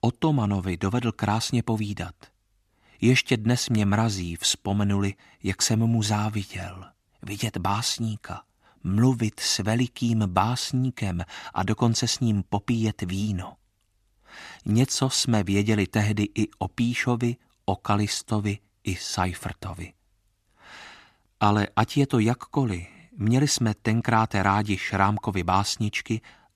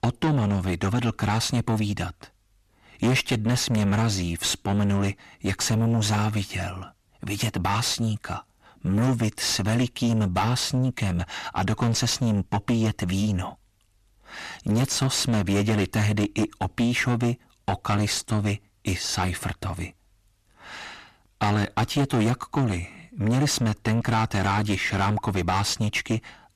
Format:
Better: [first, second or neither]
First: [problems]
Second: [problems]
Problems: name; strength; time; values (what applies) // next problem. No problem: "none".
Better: first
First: none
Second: distortion; heavy; 5 dB below the speech